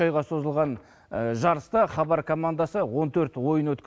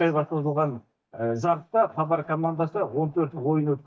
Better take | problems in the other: first | noise reduction (neural mask model DeepFilterNet 3)

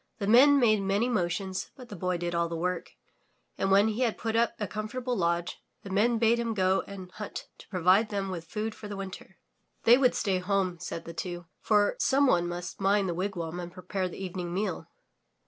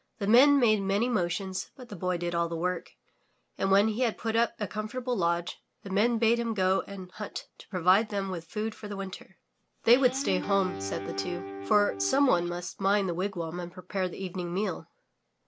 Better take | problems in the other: first | background sound (Guitar); 9 dB below the speech

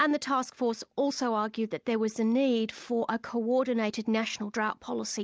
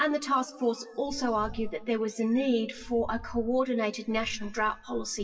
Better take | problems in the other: first | noise reduction (classical method WPE with log-MMSE)

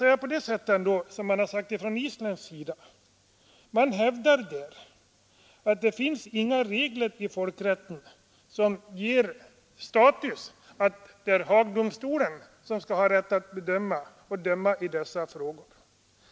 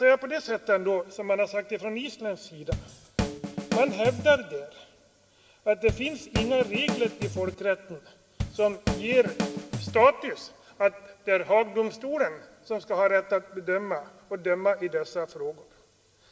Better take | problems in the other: first | background sound (Drum kit); 5 dB below the speech // room echo; dies away in 1 s

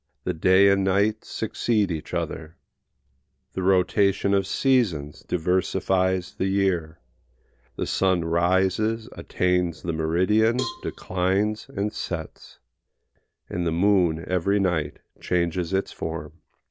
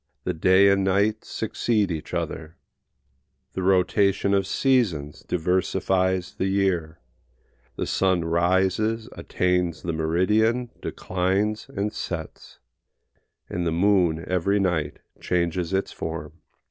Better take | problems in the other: second | background sound (Cowbell); 15 dB below the speech

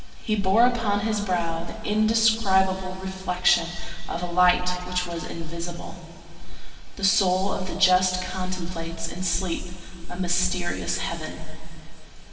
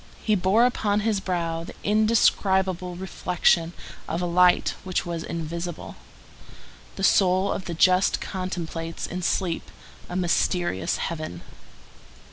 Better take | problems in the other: second | room echo; dies away in 2.5 s

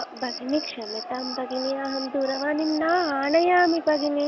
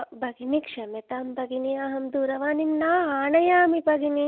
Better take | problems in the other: second | background sound (Cricket); 11 dB below the speech

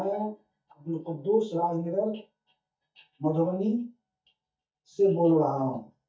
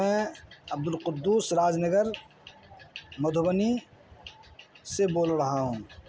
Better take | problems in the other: second | noise reduction (neural mask model DeepFilterNet 3)

